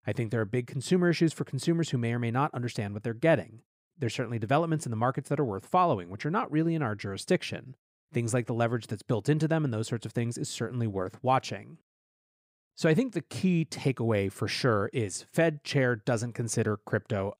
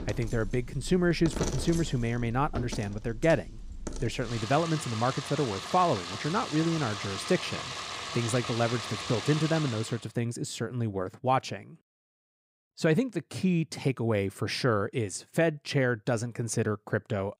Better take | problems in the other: first | household noises; loud; until 10 s; 8 dB below the speech

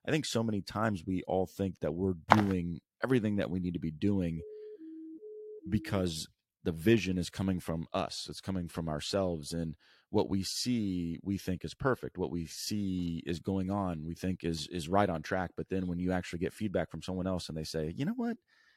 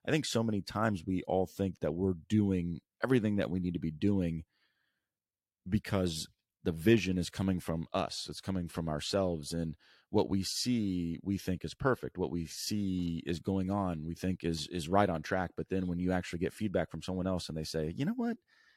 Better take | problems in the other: second | footsteps; loud; at 2.5 s; peak 5 dB above the speech // siren; faint; from 4.5 to 6 s; peak 15 dB below the speech

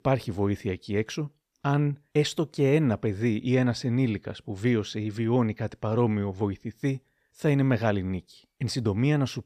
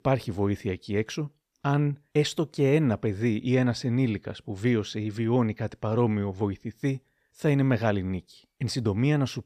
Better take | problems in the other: neither | none

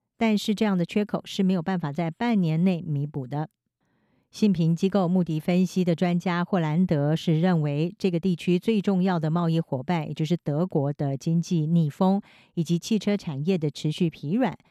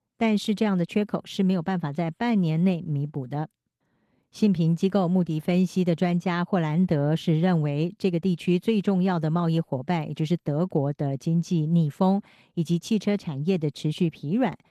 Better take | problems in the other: first | garbled, watery; slightly; nothing above 14 kHz

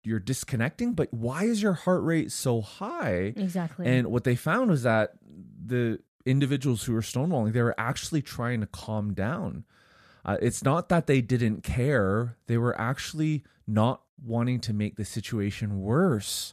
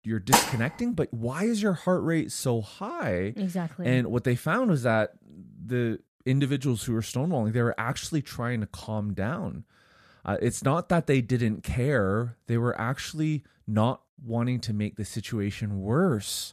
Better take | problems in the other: first | clattering dishes; loud; at 0.5 s; peak 5 dB above the speech

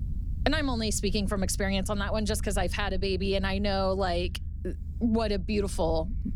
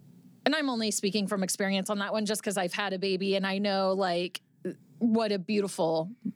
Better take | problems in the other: second | low rumble; faint; throughout; 20 dB below the speech

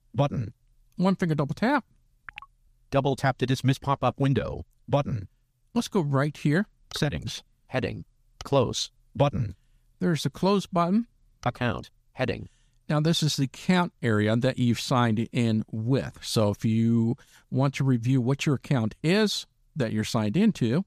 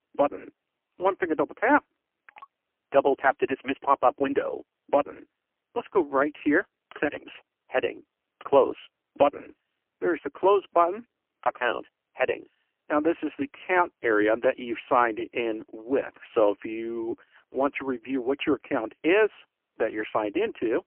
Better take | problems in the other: first | phone-call audio; poor line; nothing above 3 kHz

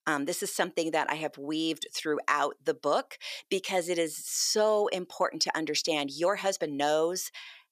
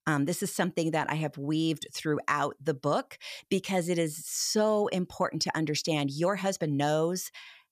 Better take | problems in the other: second | thin; somewhat; fading below 400 Hz

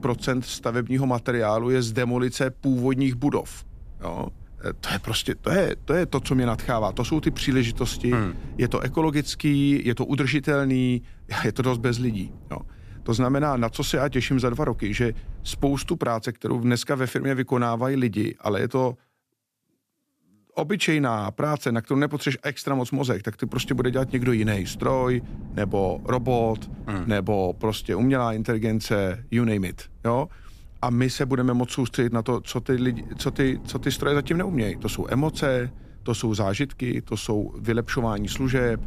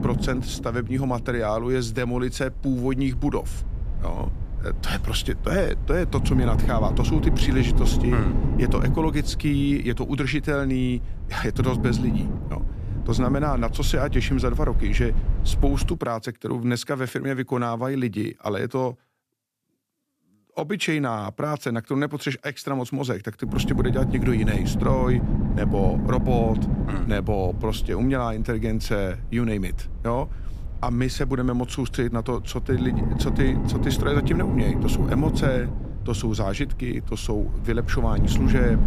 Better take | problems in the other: first | low rumble; loud; until 16 s and from 23 s on; 7 dB below the speech; faint in the first

